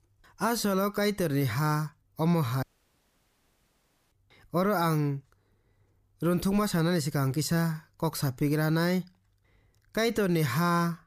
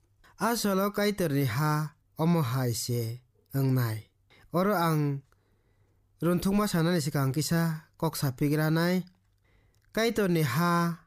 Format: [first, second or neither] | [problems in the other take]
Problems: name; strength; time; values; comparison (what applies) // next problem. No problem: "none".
second | audio cutting out; at 2.5 s for 1.5 s